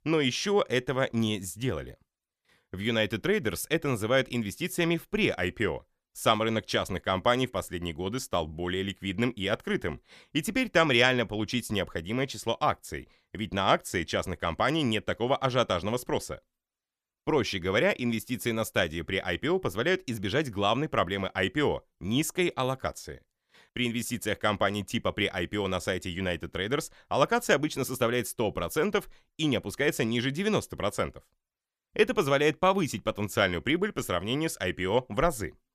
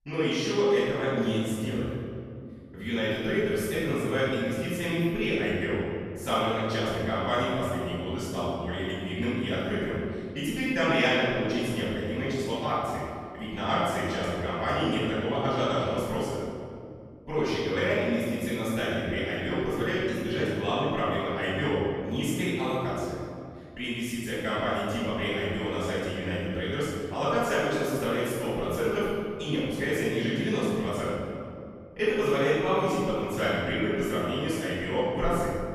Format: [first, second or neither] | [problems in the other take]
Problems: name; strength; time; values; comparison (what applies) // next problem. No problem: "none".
first | room echo; strong; dies away in 2.3 s // off-mic speech; far